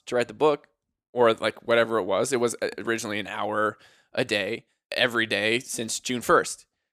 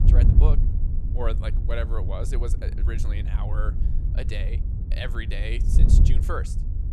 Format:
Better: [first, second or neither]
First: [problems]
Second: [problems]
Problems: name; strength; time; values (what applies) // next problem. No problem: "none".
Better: first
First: none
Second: wind noise on the microphone; heavy; 5 dB below the speech